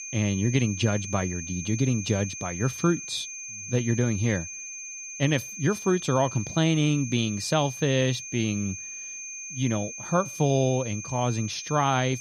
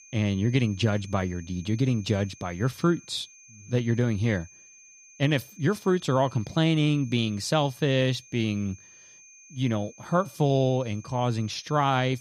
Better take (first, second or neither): second